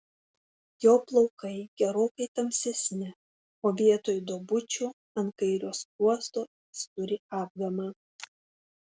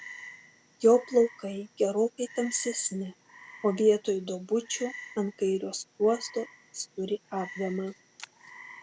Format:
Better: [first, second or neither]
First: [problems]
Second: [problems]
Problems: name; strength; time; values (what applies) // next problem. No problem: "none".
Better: first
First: none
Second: background sound (Frog); 20 dB below the speech